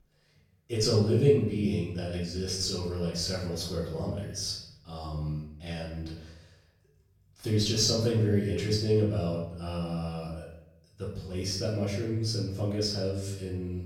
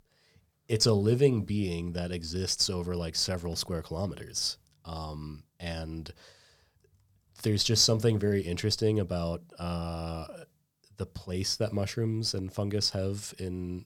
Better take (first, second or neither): second